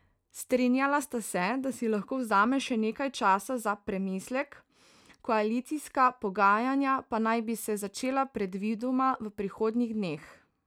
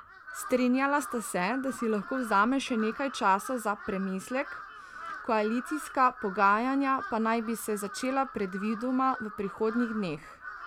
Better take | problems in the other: first | background sound (Crow); 13 dB below the speech

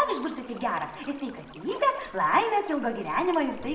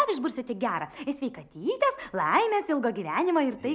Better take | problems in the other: second | background sound (Stream); 18 dB below the speech // room echo; dies away in 0.8 s

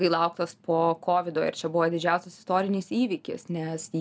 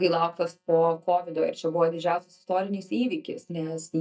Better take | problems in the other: first | noise reduction (neural mask model DeepFilterNet 3)

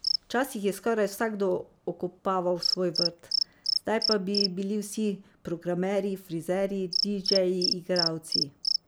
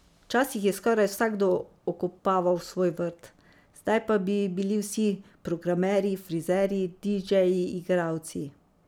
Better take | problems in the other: second | background sound (Cricket); 3 dB below the speech

